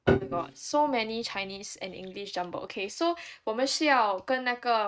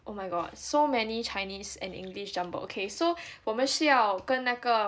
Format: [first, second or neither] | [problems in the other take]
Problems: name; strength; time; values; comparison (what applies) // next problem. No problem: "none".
second | noise reduction (neural mask model RNNoise)